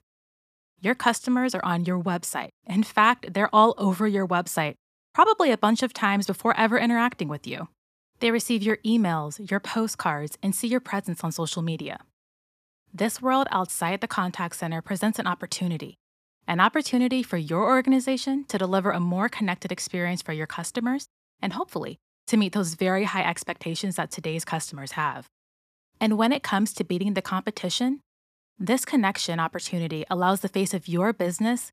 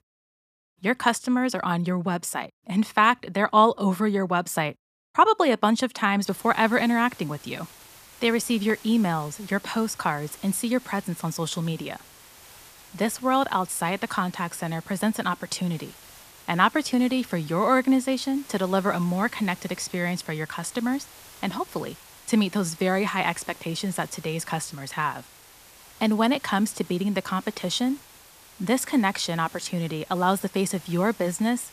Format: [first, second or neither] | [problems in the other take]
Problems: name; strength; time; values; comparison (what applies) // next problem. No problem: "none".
first | hiss; faint; from 6.5 s on; 20 dB below the speech